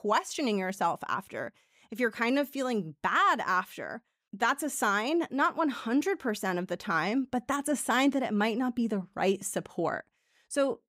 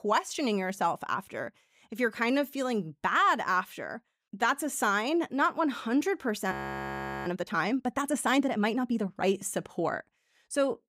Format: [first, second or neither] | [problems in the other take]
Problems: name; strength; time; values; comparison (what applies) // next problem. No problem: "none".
first | audio freezing; at 6.5 s for 0.5 s